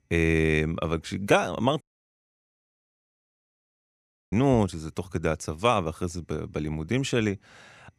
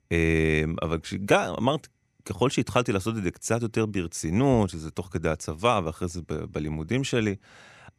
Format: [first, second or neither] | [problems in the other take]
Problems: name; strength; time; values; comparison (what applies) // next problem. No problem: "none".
second | audio cutting out; at 2 s for 2.5 s